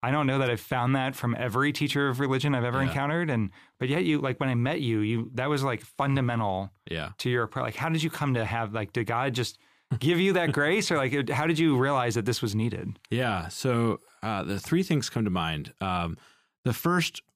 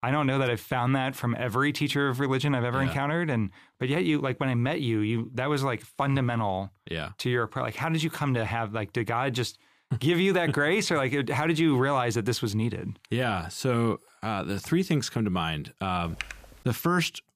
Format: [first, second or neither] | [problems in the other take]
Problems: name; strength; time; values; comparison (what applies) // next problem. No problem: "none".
first | keyboard typing; faint; at 16 s; peak 10 dB below the speech